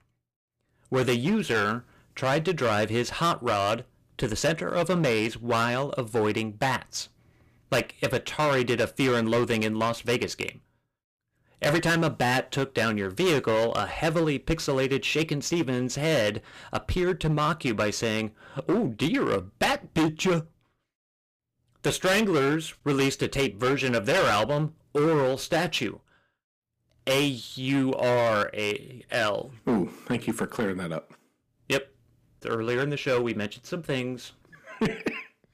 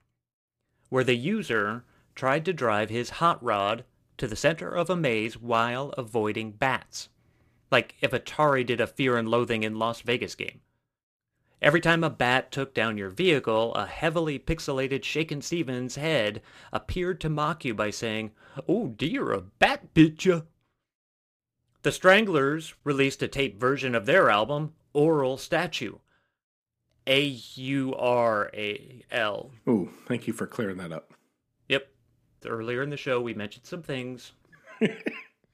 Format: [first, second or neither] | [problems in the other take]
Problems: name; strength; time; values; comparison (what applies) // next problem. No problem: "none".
second | distortion; heavy; 11% of the sound clipped